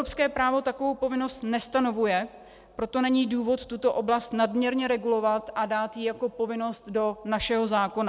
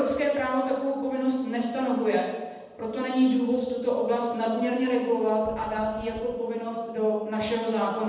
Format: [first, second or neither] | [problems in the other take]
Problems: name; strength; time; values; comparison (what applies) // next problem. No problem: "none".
first | background sound (Wind); 18 dB below the speech // room echo; dies away in 1.1 s